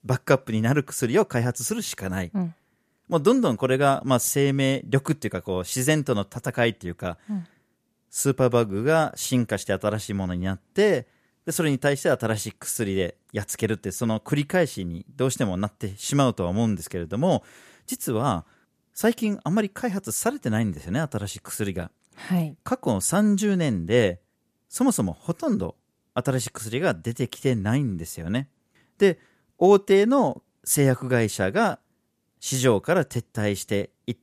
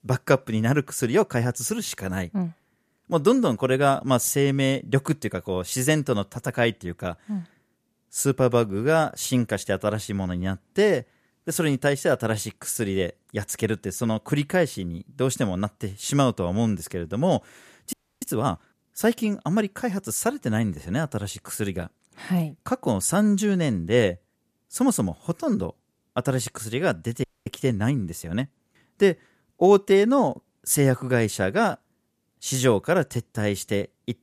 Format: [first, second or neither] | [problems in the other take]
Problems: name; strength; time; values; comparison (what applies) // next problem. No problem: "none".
first | audio freezing; at 18 s and at 27 s